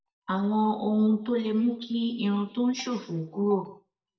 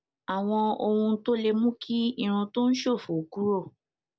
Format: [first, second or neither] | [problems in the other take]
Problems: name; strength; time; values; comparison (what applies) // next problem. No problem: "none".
second | noise reduction (neural mask model DeepFilterNet 3)